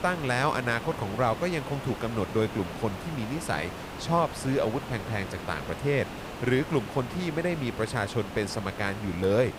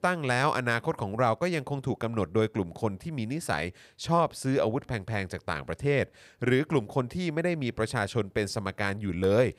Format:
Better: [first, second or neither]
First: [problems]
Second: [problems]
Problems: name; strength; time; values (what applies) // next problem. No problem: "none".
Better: second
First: hiss; loud; throughout; 9 dB below the speech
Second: none